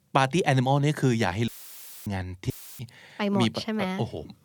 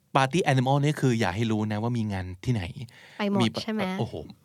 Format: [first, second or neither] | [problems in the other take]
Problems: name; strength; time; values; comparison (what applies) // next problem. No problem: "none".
second | audio cutting out; filled with static; at 1.5 s for 0.5 s and at 2.5 s